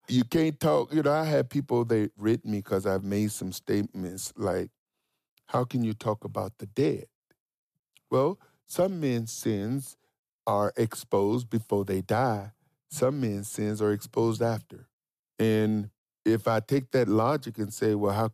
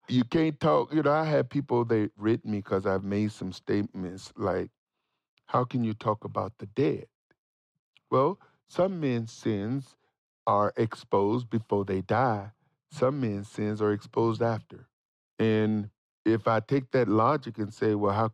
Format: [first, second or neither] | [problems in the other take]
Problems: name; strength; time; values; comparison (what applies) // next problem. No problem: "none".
first | muffled; slightly; fading above 3.5 kHz